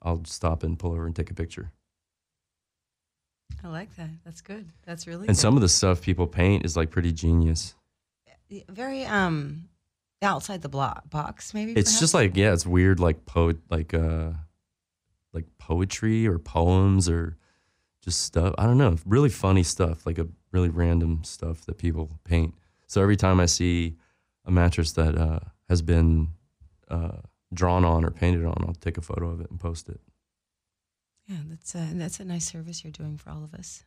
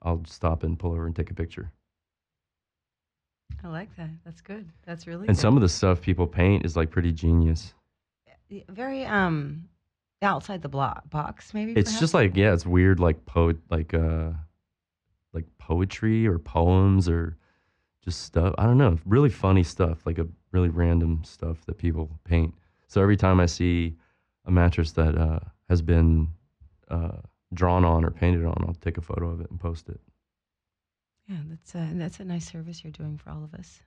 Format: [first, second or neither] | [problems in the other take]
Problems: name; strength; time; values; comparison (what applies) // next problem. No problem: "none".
first | muffled; slightly; fading above 3 kHz